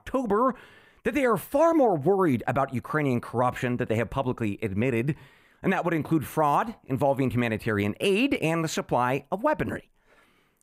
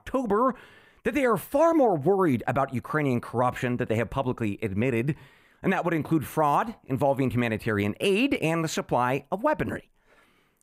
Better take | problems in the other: neither | none

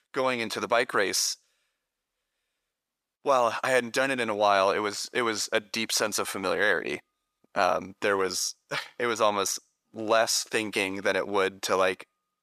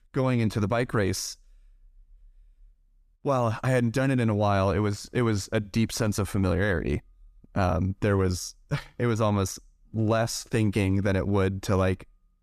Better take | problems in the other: second | thin; very; fading below 550 Hz

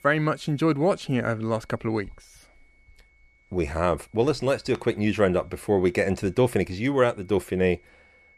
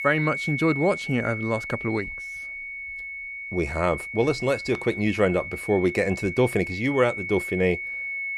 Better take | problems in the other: first | high-pitched whine; loud; throughout; 2 kHz, 7 dB below the speech; faint in the first

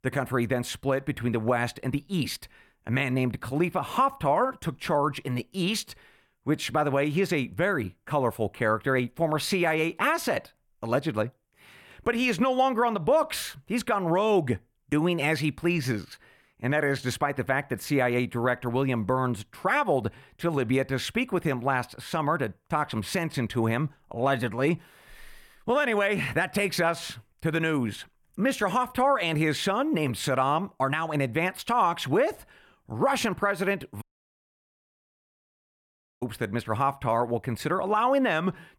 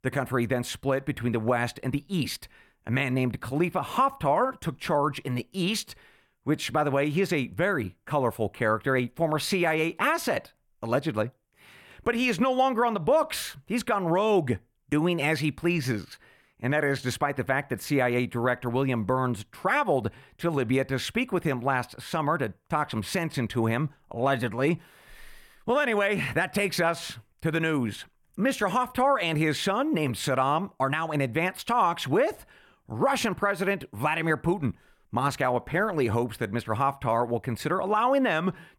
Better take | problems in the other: second | audio cutting out; at 34 s for 2 s

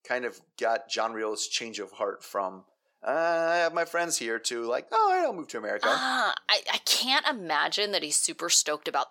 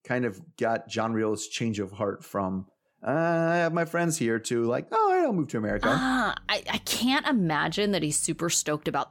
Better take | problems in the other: second | thin; very; fading below 600 Hz

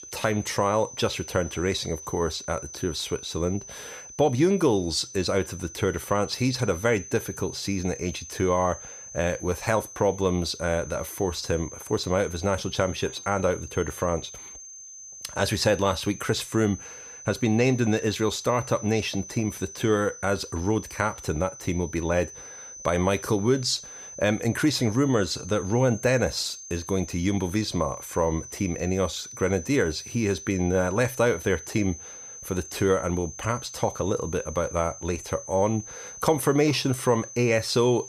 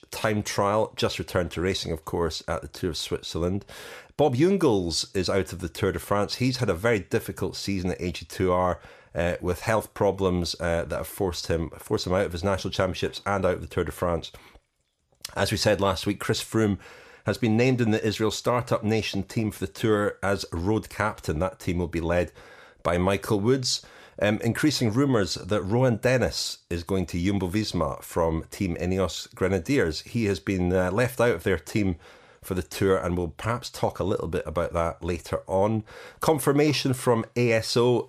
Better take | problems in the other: second | high-pitched whine; noticeable; throughout; 6 kHz, 15 dB below the speech

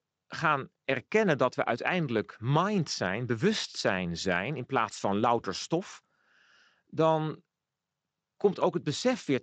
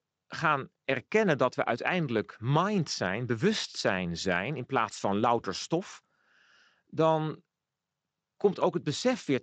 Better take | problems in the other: neither | garbled, watery; slightly; nothing above 7.5 kHz; the same in both

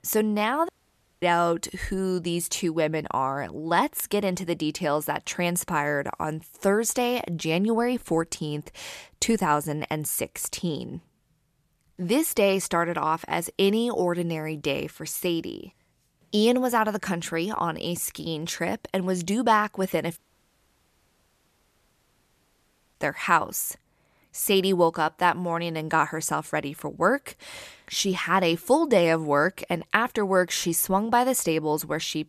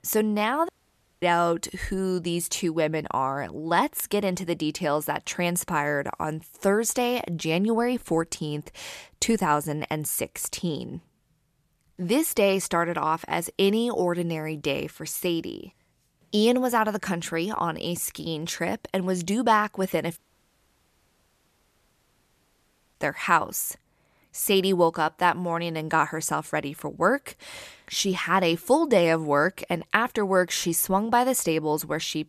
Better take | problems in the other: neither | audio cutting out; at 0.5 s for 0.5 s and at 20 s for 3 s; the same in both

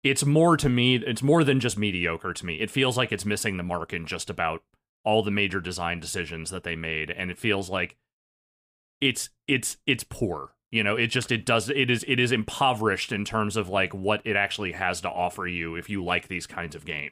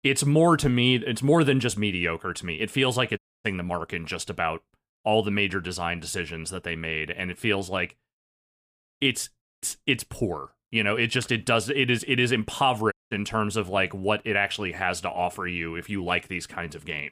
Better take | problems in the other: first | audio cutting out; at 3 s, at 9.5 s and at 13 s

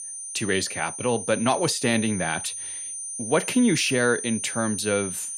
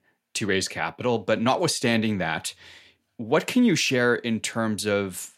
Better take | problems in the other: second | high-pitched whine; loud; throughout; 9 kHz, 7 dB below the speech

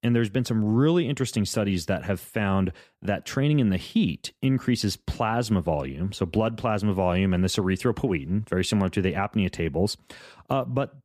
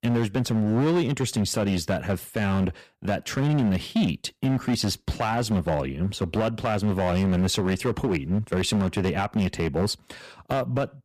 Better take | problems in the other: first | distortion; slight; 11% of the sound clipped

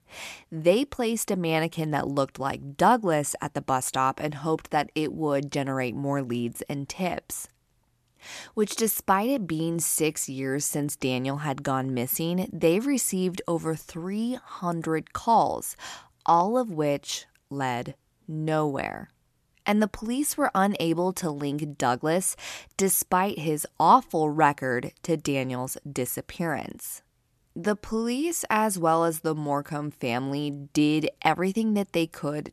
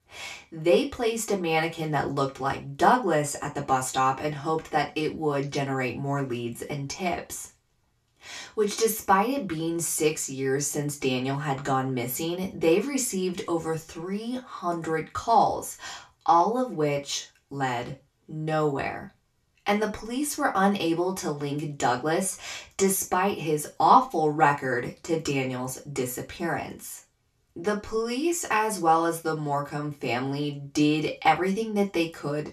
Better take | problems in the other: first | room echo; very slight; dies away in 0.3 s // off-mic speech; far

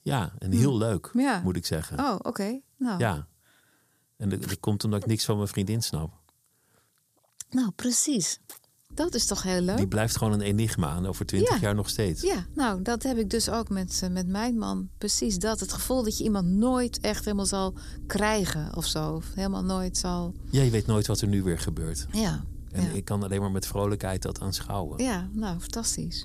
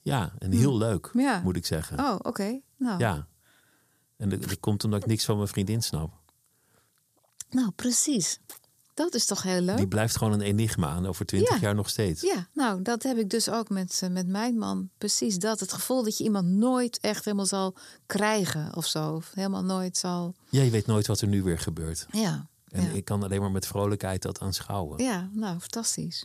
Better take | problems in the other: second | low rumble; faint; from 9 s on; 25 dB below the speech

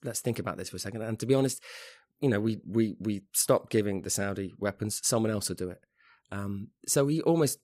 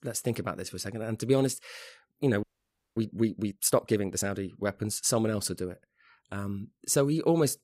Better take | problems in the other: first | audio freezing; at 2.5 s for 0.5 s

